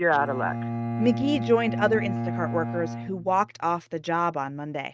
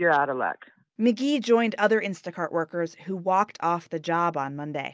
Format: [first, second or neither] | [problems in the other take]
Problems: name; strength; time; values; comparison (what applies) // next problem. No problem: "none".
second | noise reduction (neural mask model RNNoise)